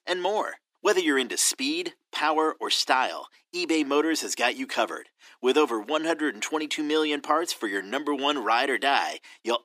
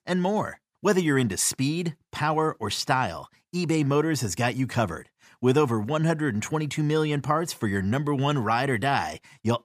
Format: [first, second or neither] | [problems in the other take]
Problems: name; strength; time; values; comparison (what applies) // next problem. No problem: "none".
second | thin; somewhat; fading below 300 Hz